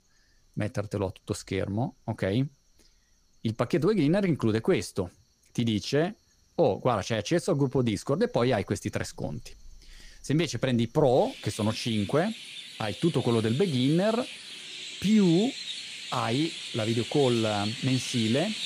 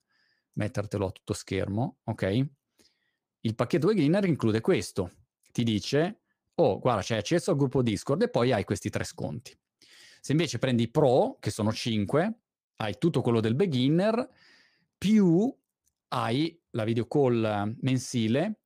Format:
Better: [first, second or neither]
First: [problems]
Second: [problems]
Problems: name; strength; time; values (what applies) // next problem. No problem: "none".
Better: second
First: animal sounds; loud; throughout; 9 dB below the speech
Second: none